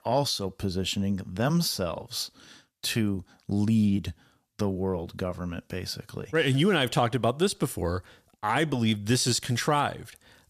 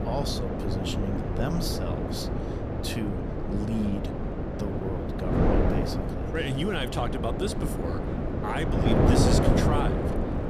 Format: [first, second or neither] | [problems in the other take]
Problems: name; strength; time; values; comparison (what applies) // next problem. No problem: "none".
first | wind noise on the microphone; heavy; 3 dB above the speech